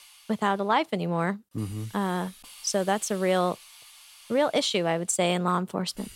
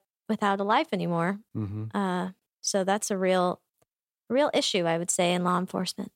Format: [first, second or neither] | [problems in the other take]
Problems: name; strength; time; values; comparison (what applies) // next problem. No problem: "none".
second | hiss; faint; throughout; 20 dB below the speech